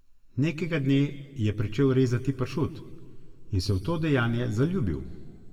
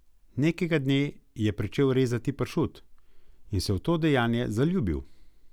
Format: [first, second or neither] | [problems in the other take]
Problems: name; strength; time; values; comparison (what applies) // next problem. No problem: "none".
second | room echo; dies away in 1.7 s